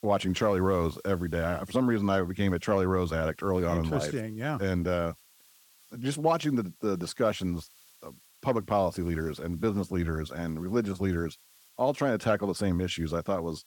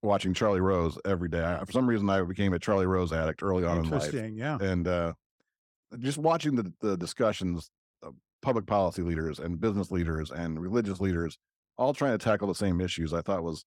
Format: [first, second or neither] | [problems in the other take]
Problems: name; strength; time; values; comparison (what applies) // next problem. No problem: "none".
second | hiss; faint; throughout; 25 dB below the speech